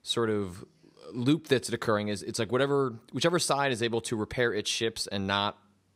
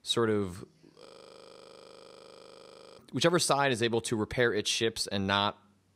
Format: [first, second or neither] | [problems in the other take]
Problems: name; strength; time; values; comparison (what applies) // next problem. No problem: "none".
first | audio freezing; at 1 s for 2 s